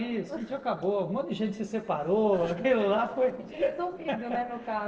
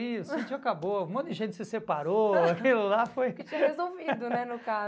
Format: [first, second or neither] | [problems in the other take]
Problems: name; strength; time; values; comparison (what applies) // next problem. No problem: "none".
second | noise reduction (neural separator model SepFormer DNS4)